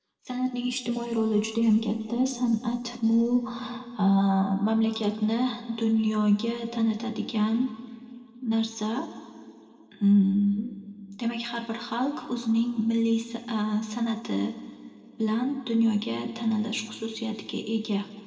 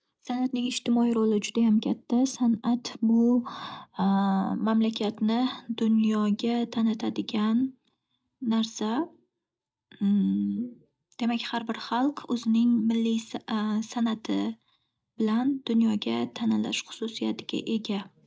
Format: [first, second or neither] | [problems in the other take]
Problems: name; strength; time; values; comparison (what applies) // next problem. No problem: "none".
second | room echo; dies away in 1.8 s